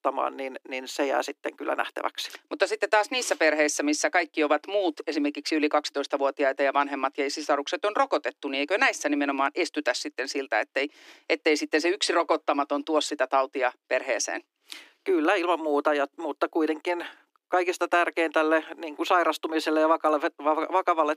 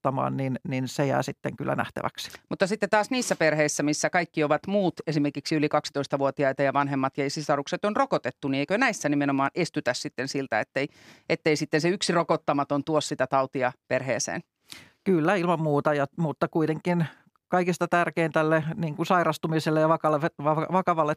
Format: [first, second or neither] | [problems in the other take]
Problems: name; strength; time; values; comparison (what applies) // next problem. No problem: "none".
second | thin; very slightly; fading below 300 Hz